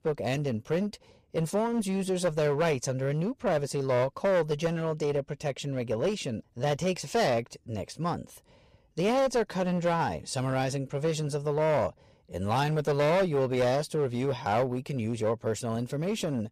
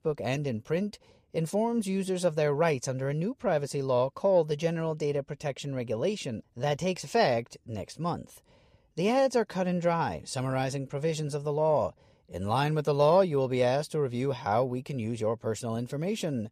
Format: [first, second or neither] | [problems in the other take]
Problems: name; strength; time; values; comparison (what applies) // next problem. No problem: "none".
second | distortion; slight; 11% of the sound clipped